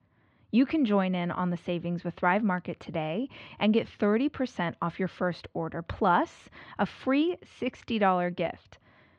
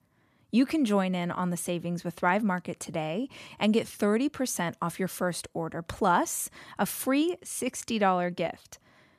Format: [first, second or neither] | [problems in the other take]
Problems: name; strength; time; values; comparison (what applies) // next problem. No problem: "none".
second | muffled; slightly; fading above 3.5 kHz